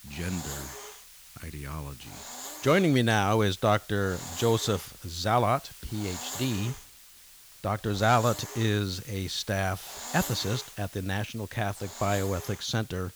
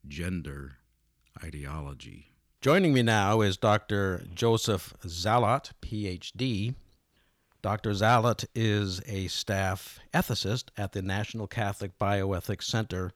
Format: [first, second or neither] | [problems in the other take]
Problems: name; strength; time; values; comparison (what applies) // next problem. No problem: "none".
second | hiss; noticeable; throughout; 15 dB below the speech